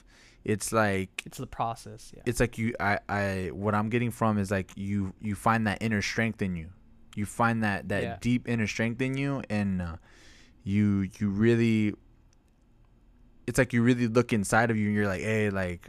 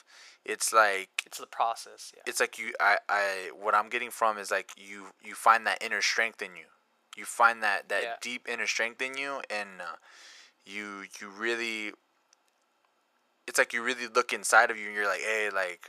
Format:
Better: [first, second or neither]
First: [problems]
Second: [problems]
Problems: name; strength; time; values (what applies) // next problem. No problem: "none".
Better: first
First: none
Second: thin; very; fading below 550 Hz